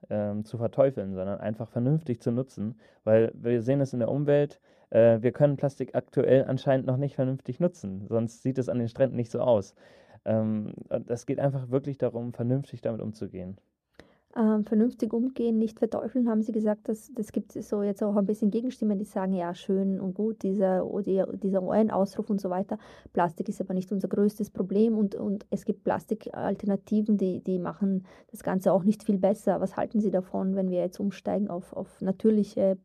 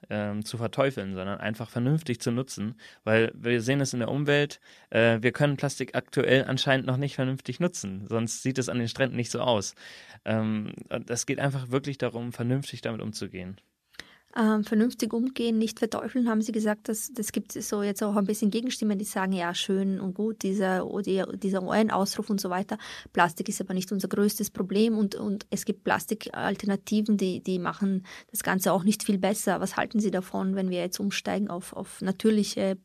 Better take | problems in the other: second | muffled; very; fading above 1 kHz

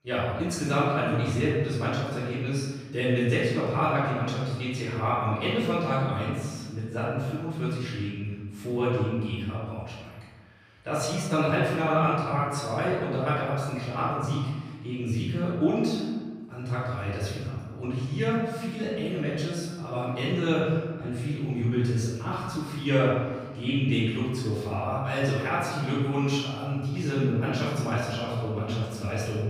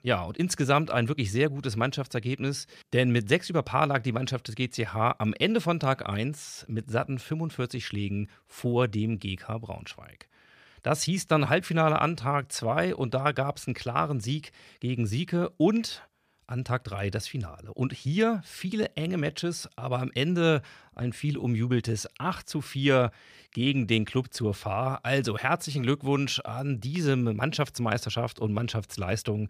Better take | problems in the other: second | room echo; strong; dies away in 1.3 s // off-mic speech; far

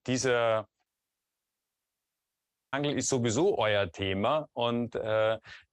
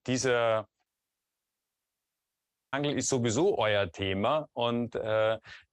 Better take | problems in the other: neither | audio cutting out; at 1 s for 2 s; the same in both

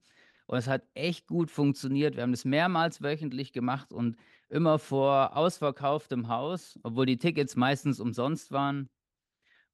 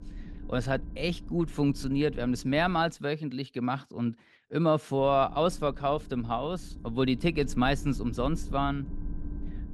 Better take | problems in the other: first | low rumble; faint; until 3 s and from 5 s on; 20 dB below the speech

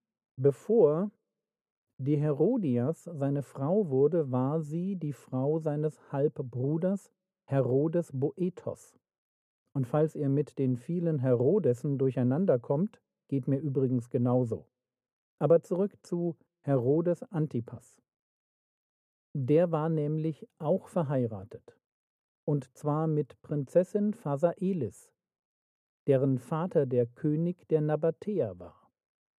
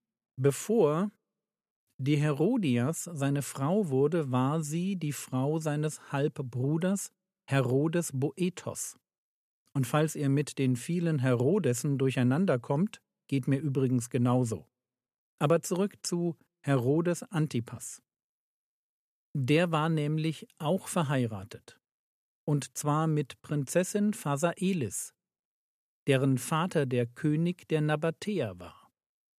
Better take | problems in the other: second | muffled; very; fading above 1.5 kHz

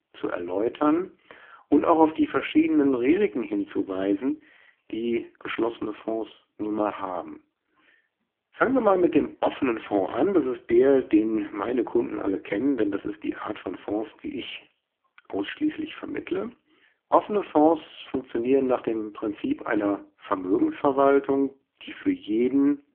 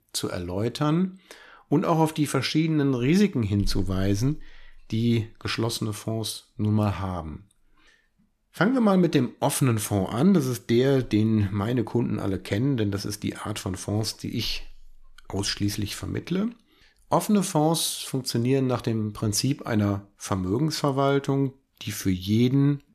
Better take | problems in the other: second | phone-call audio; poor line

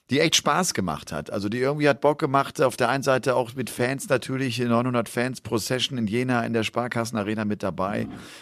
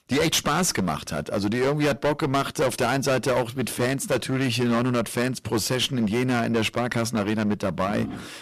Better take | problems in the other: first | distortion; heavy; 16% of the sound clipped

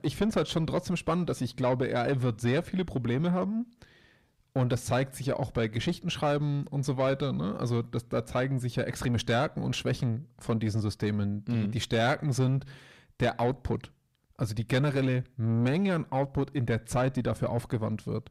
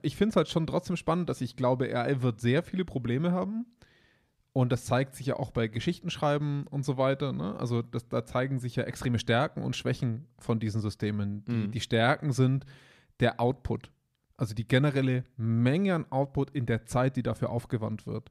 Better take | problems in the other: second | distortion; slight; 10 dB below the speech

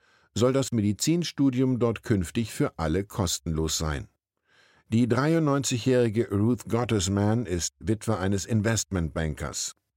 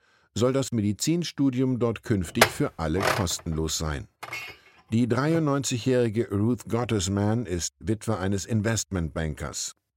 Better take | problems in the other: first | clattering dishes; loud; from 2.5 to 5.5 s; peak 4 dB above the speech

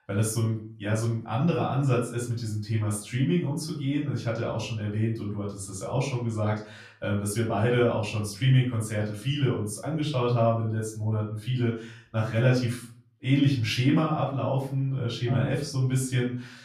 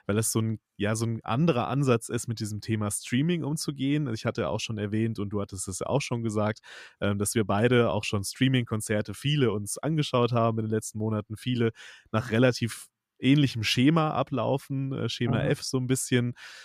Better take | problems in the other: second | off-mic speech; far // room echo; slight; dies away in 0.4 s

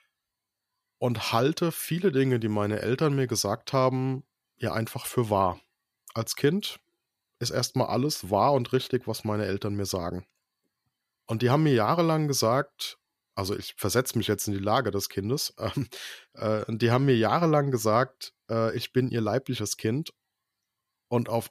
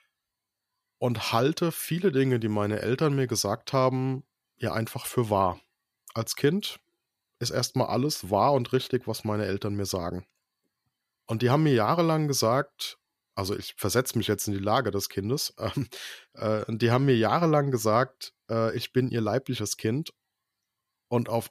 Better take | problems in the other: neither | none

